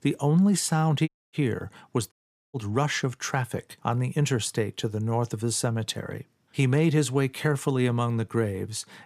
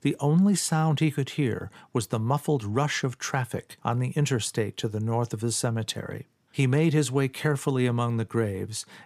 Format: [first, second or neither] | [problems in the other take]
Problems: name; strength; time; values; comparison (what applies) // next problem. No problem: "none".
second | audio cutting out; at 1 s and at 2 s